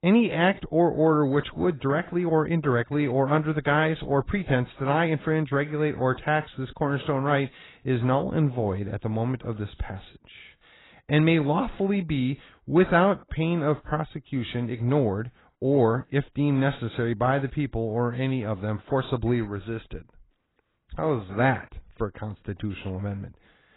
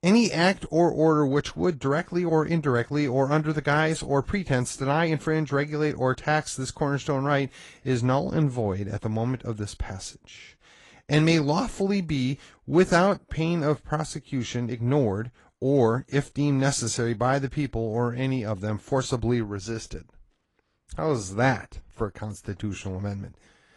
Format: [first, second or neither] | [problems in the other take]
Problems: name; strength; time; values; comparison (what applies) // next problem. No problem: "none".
second | garbled, watery; badly; nothing above 4 kHz; slightly in the second